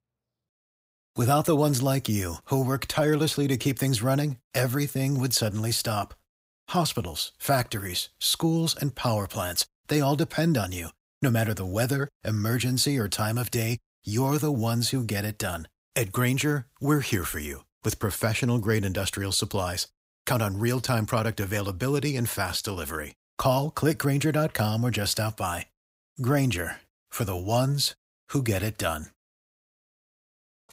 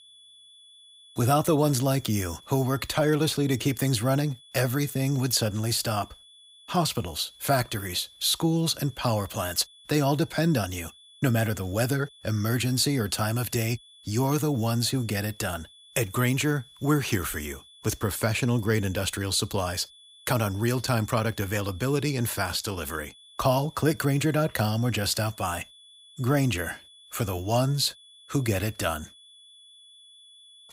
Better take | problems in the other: first | high-pitched whine; faint; throughout; 3.5 kHz, 25 dB below the speech

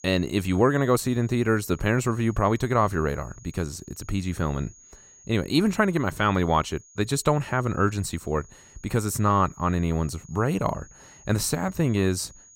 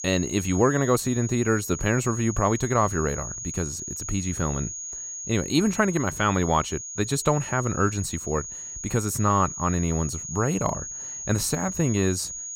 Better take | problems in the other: first | high-pitched whine; loud; throughout; 6.5 kHz, 8 dB below the speech; faint in the first

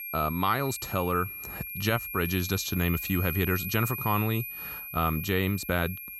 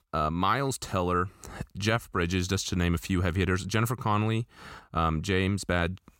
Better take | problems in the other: second | high-pitched whine; loud; throughout; 2.5 kHz, 6 dB below the speech

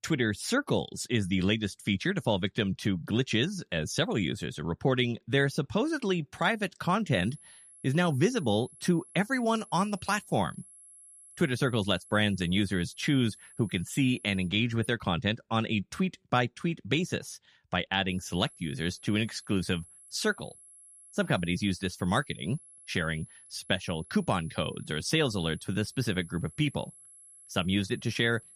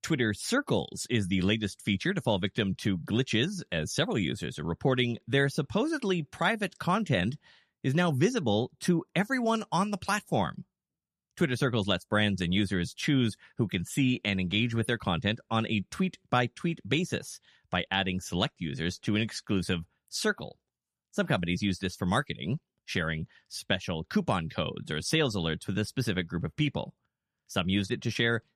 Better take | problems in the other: second | high-pitched whine; faint; from 7 to 14 s and from 18 s on; 11 kHz, 20 dB below the speech

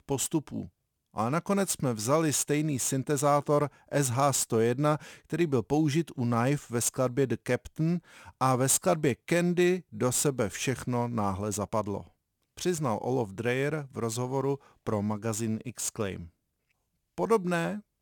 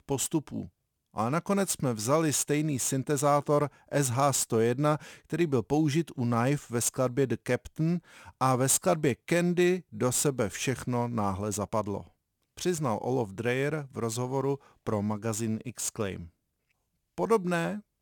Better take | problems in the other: neither | none

